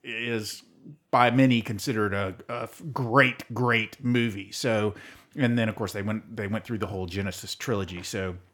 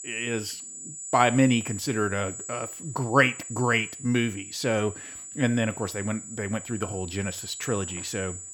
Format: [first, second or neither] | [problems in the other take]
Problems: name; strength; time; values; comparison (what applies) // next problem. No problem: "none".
first | high-pitched whine; loud; throughout; 8 kHz, 10 dB below the speech